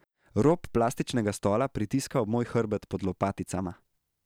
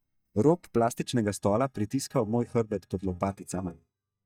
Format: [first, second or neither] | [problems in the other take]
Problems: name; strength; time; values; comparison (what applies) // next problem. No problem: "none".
first | noise reduction (neural mask model DeepFilterNet 3)